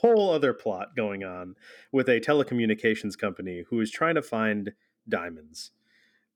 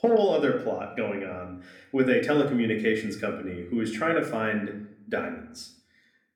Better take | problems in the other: first | room echo; slight; dies away in 0.6 s // off-mic speech; somewhat distant

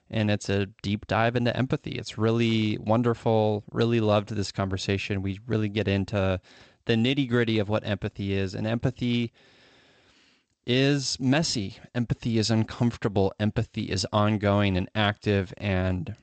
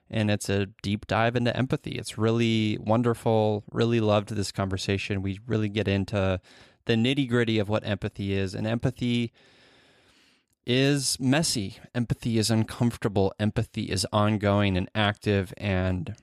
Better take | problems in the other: second | garbled, watery; slightly; nothing above 8 kHz

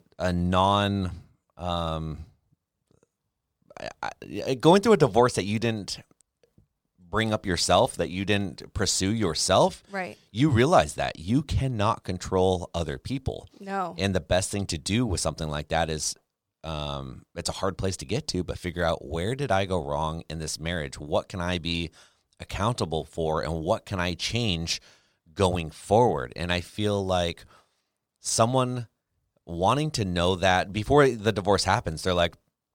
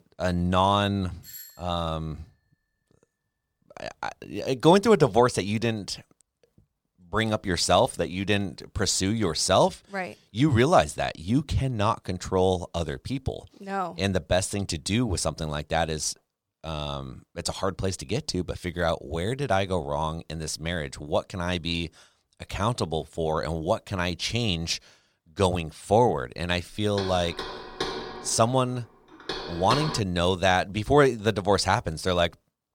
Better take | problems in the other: first | doorbell; faint; at 1 s; peak 15 dB below the speech // door banging; noticeable; from 27 to 30 s; peak 4 dB below the speech

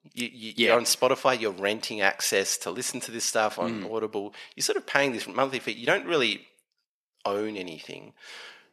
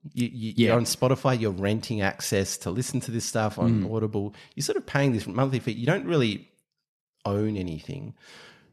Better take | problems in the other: second | thin; somewhat; fading below 450 Hz

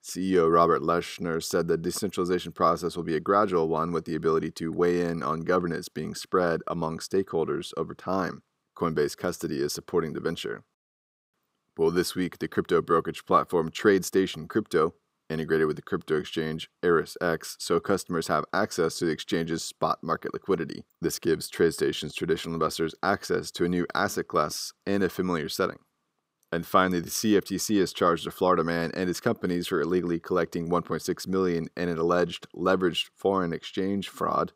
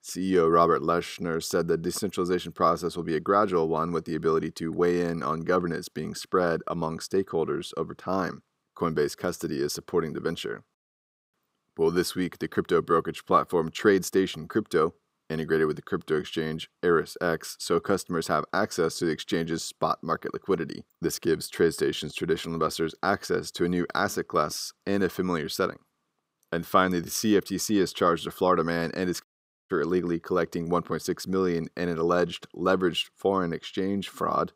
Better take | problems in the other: first | audio cutting out; at 29 s

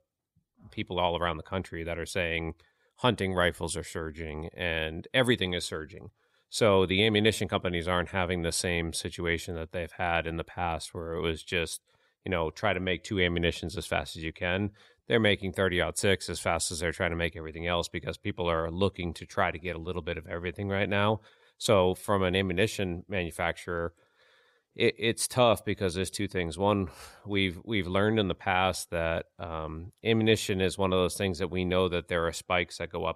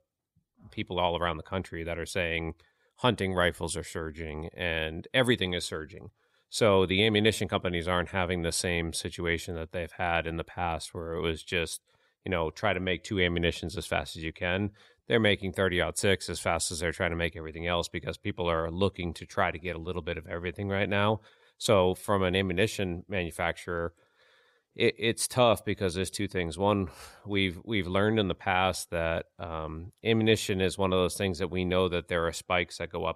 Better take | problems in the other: neither | none

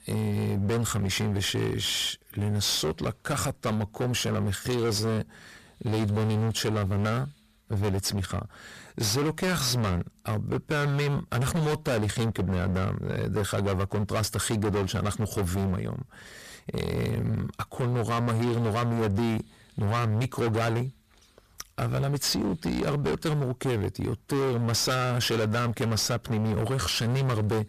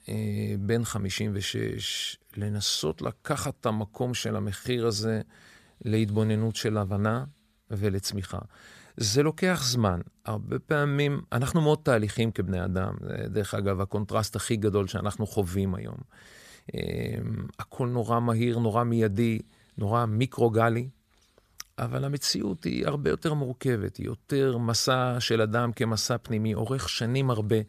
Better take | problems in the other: second | distortion; heavy; 29% of the sound clipped

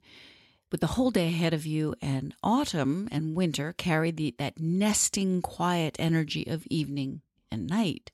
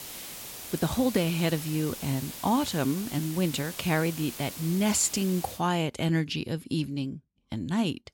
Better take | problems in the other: first | hiss; noticeable; until 5.5 s; 10 dB below the speech

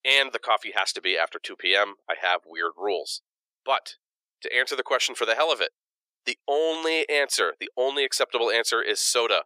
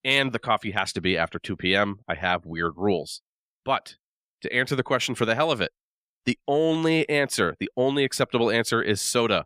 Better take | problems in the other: second | thin; very; fading below 400 Hz

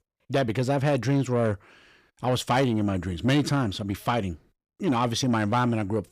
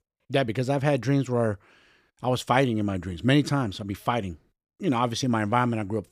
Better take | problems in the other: second | distortion; slight; 10 dB below the speech

